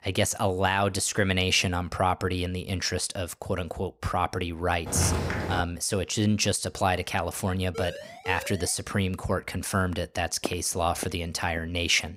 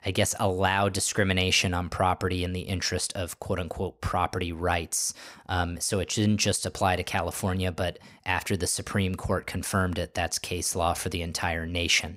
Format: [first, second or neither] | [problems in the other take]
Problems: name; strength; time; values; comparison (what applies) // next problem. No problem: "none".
second | footsteps; loud; at 5 s; peak level with the speech // siren; faint; at 7.5 s; peak 10 dB below the speech // footsteps; noticeable; from 10 to 12 s; peak 10 dB below the speech